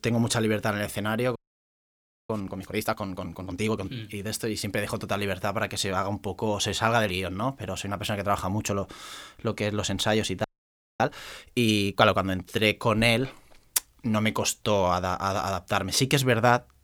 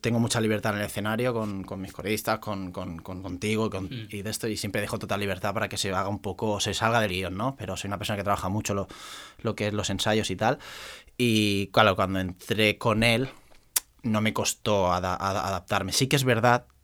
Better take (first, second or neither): second